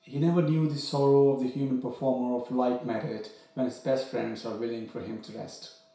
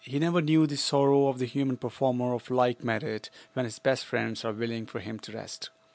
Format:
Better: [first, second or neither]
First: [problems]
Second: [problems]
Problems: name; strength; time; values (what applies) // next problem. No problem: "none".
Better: second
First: room echo; dies away in 0.6 s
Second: none